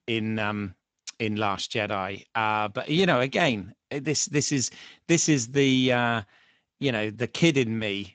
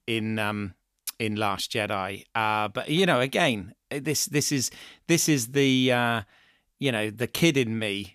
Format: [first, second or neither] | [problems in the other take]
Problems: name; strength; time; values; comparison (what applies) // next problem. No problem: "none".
second | garbled, watery; slightly; nothing above 7.5 kHz